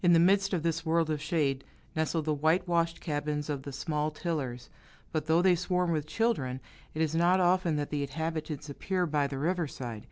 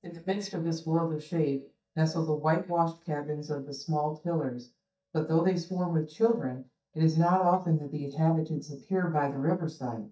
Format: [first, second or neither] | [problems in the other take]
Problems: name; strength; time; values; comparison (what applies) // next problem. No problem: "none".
first | noise reduction (neural mask model DeepFilterNet 3)